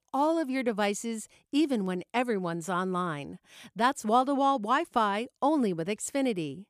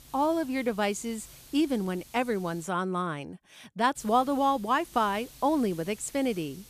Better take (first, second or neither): first